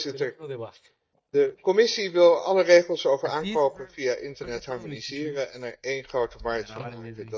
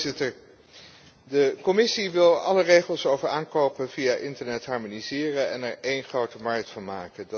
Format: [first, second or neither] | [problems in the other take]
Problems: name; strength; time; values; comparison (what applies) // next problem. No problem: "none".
second | noise reduction (neural mask model DeepFilterNet 3)